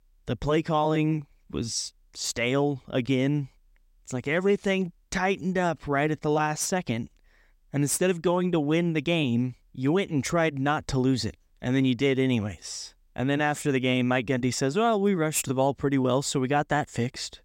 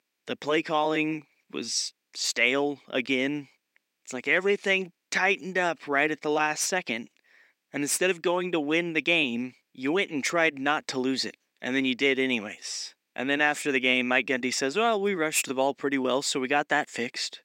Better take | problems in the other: first | thin; very slightly; fading below 250 Hz

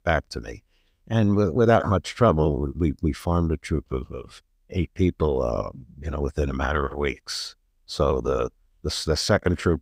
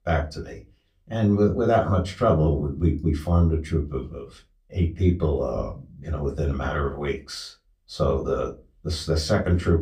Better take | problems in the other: first | off-mic speech; far // room echo; very slight; dies away in 0.2 s

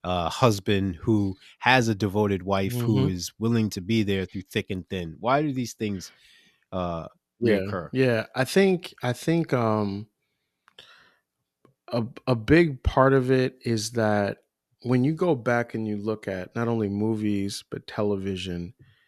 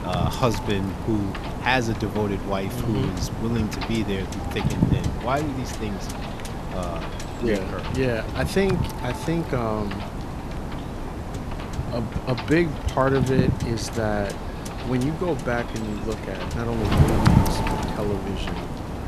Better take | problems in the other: first | wind noise on the microphone; heavy; 4 dB below the speech

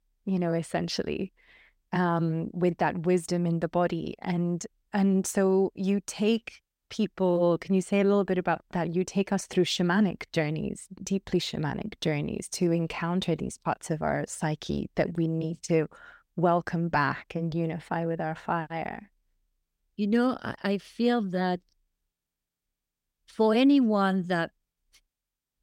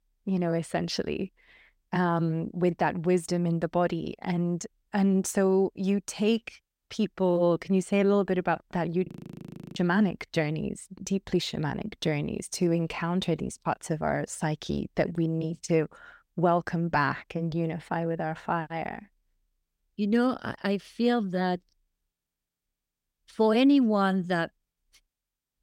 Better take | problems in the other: first | audio freezing; at 9 s for 0.5 s

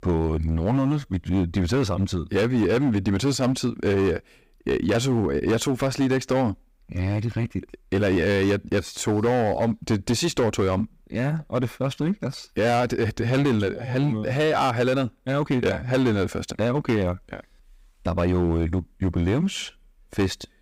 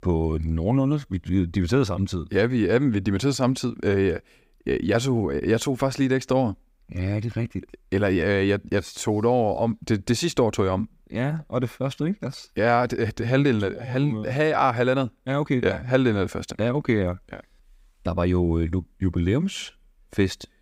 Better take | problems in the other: second | distortion; slight; 10% of the sound clipped

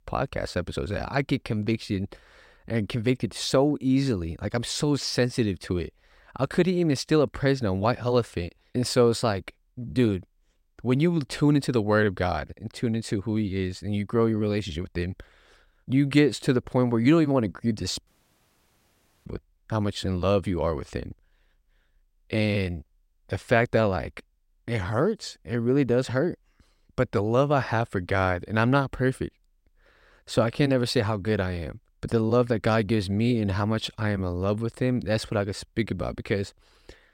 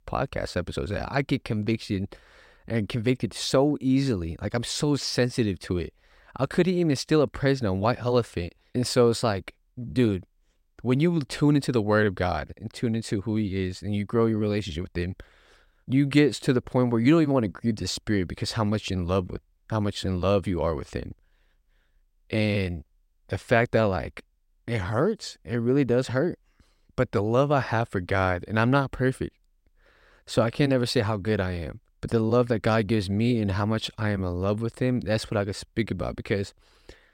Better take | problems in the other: second | audio cutting out; at 18 s for 1 s

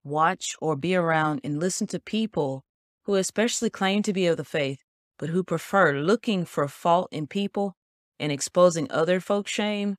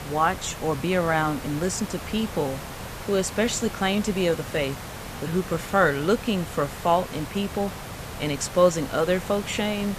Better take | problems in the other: first | hiss; noticeable; throughout; 10 dB below the speech

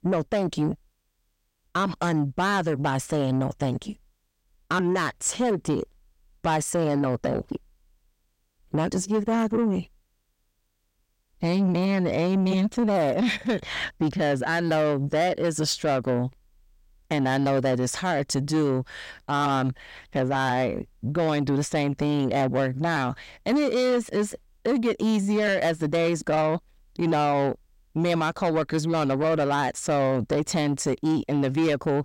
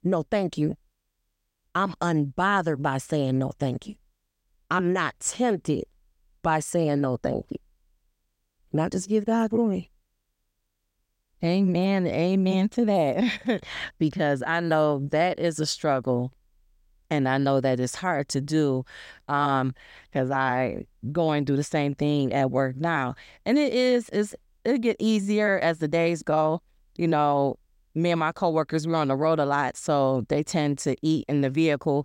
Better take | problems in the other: second | distortion; slight; 10 dB below the speech

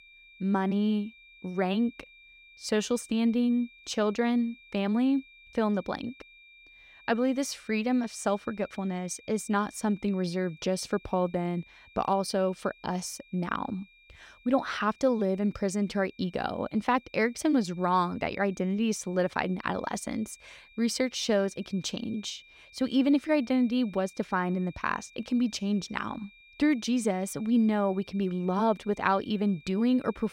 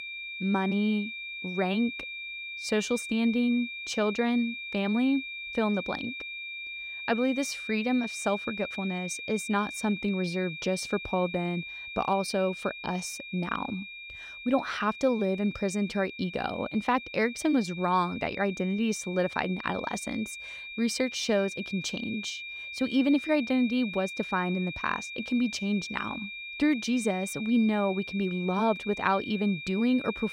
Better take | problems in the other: first | high-pitched whine; loud; throughout; 2.5 kHz, 8 dB below the speech; faint in the first

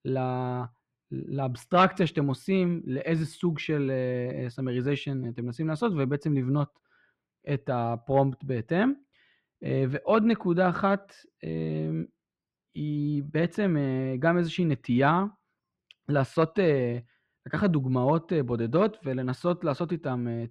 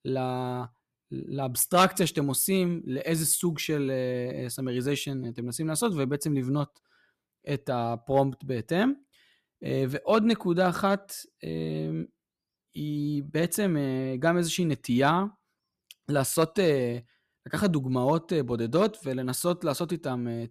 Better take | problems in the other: second | muffled; slightly; fading above 2.5 kHz

